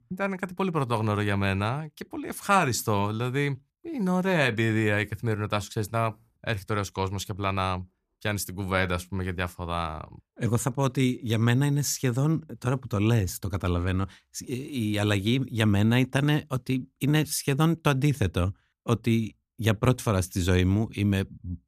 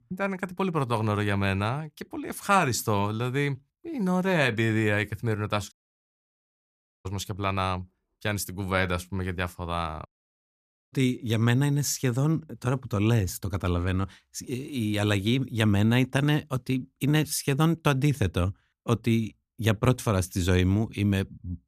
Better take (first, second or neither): first